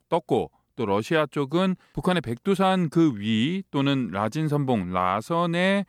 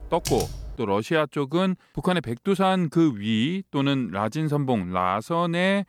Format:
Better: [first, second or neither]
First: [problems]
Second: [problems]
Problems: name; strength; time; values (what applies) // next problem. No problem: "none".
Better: first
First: none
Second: keyboard typing; noticeable; at the start; peak 7 dB below the speech